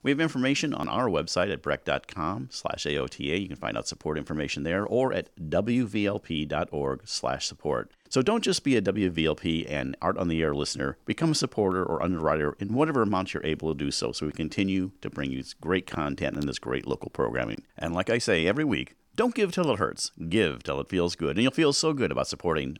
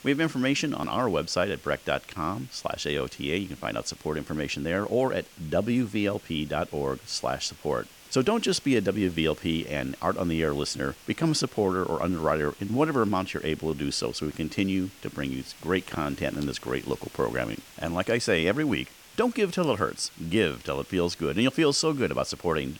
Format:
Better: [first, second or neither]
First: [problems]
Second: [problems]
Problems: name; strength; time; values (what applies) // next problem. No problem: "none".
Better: first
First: none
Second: hiss; faint; throughout; 20 dB below the speech